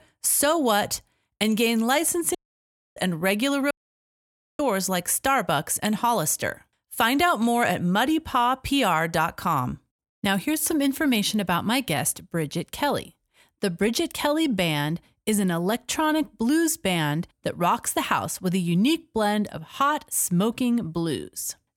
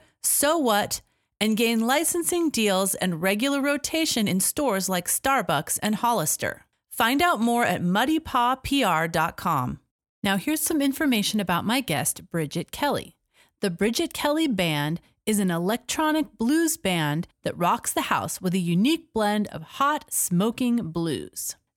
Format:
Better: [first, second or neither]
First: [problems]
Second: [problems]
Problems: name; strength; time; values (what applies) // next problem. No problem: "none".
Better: second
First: audio cutting out; at 2.5 s for 0.5 s and at 3.5 s for 1 s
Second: none